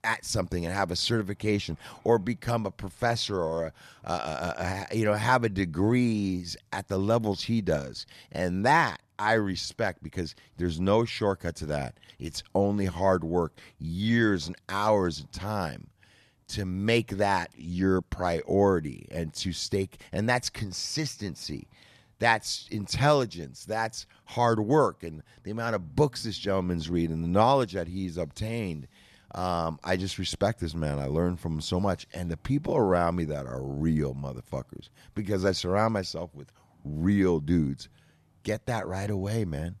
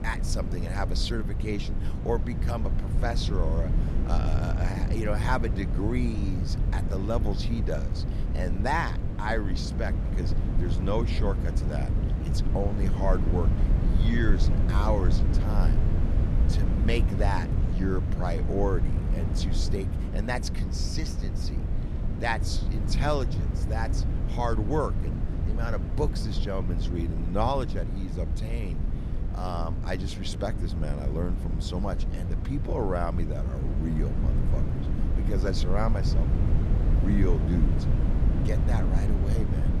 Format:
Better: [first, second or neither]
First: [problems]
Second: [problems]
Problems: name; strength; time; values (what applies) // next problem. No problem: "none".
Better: first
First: none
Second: wind noise on the microphone; heavy; 6 dB below the speech